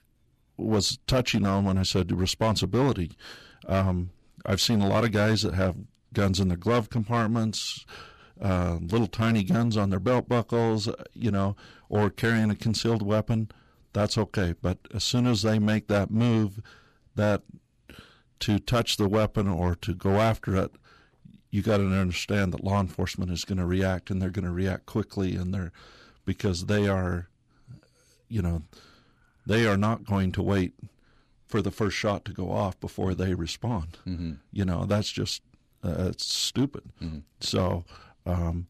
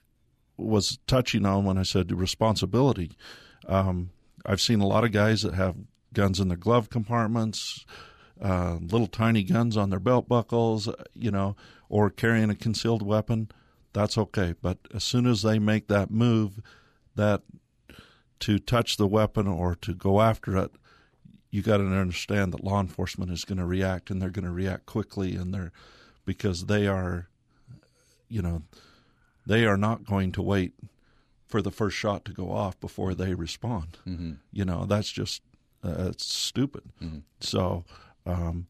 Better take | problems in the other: second | distortion; slight; 5% of the sound clipped

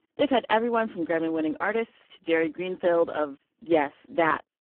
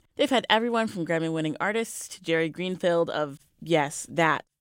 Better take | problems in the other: second | phone-call audio; poor line

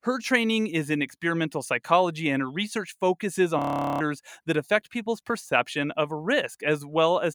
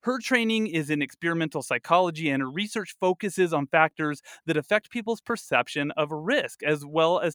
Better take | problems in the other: second | audio freezing; at 3.5 s

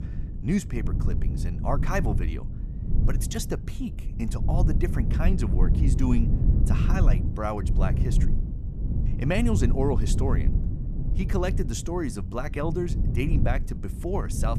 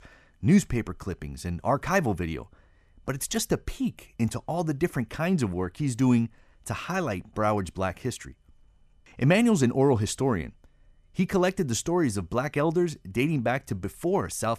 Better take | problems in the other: second | low rumble; loud; throughout; 8 dB below the speech

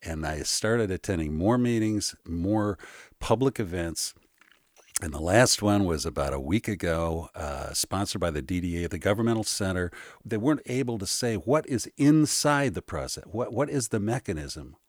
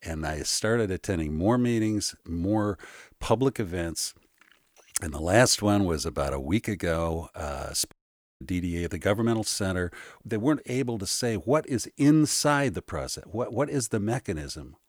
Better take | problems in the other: first | audio cutting out; at 8 s

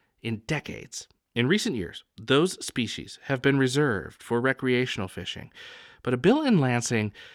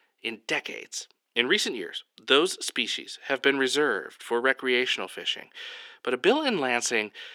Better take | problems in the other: first | thin; somewhat; fading below 350 Hz

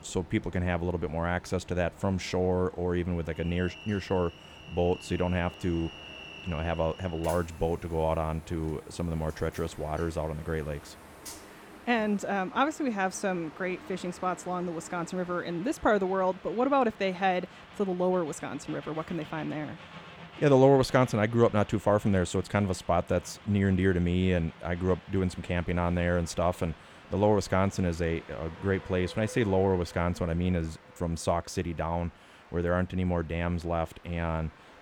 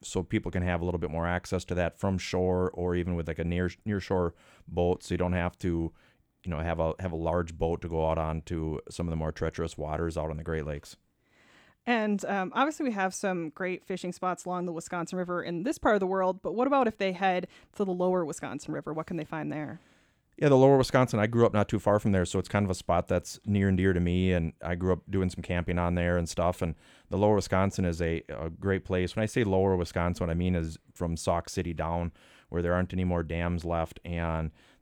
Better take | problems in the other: second | train or aircraft noise; noticeable; throughout; 20 dB below the speech

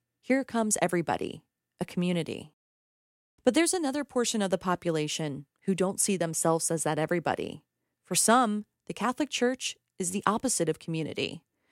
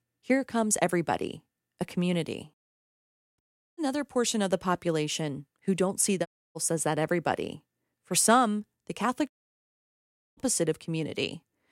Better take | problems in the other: first | audio cutting out; at 3.5 s, at 6.5 s and at 9.5 s for 1 s

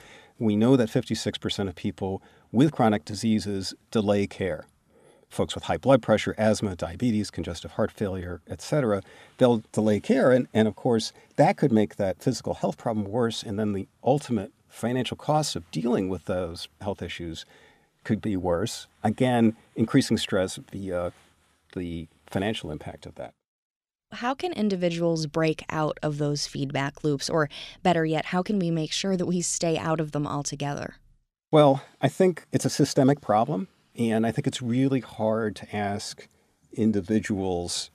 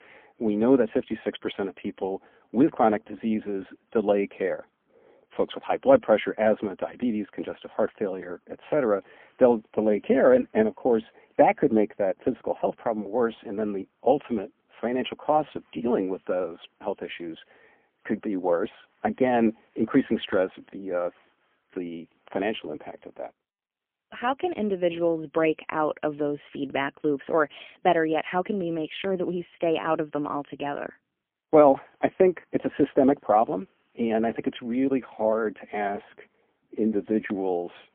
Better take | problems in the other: first | phone-call audio; poor line; nothing above 3.5 kHz

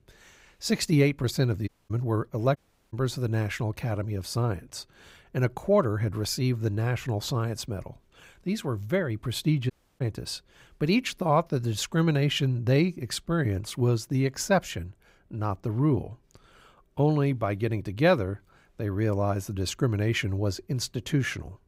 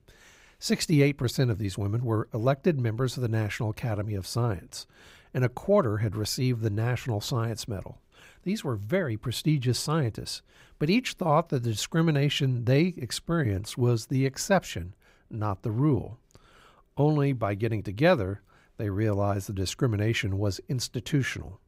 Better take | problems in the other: second | audio cutting out; at 1.5 s, at 2.5 s and at 9.5 s

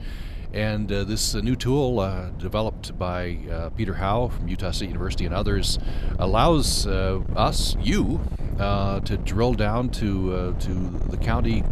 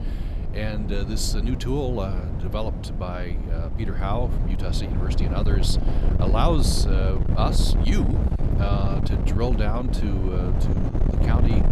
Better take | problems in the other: first | wind noise on the microphone; heavy; 5 dB below the speech; occasional gusts in the first

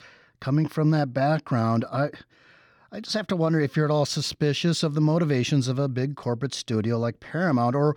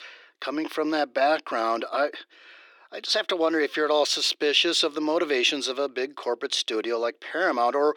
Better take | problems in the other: first | thin; very; fading below 350 Hz

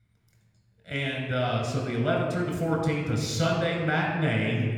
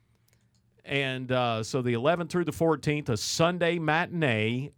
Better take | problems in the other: second | off-mic speech; somewhat distant // room echo; noticeable; dies away in 1.5 s

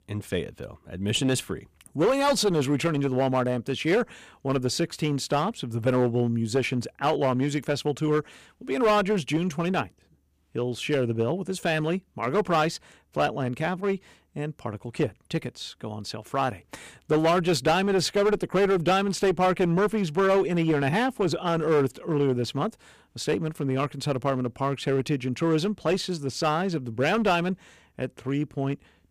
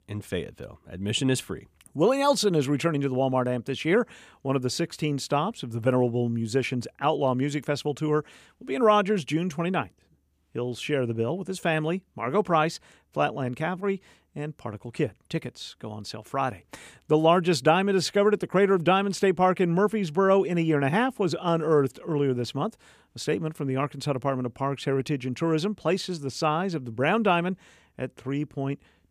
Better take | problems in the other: second | distortion; slight; 7% of the sound clipped

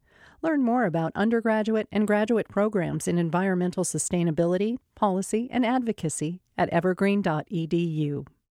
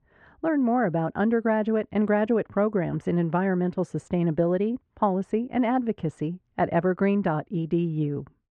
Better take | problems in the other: first | muffled; very; fading above 2 kHz

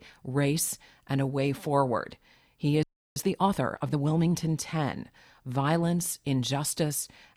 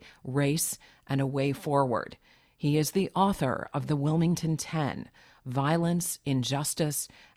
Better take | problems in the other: second | audio freezing; at 3 s

